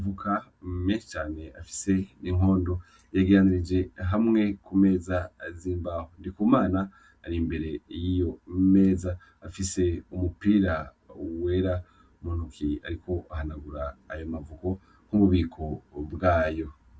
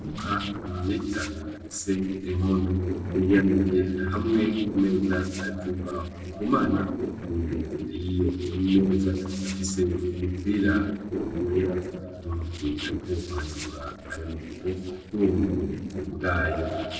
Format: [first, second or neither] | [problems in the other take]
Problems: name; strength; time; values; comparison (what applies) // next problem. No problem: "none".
first | noise reduction (neural separator model SepFormer DNS4)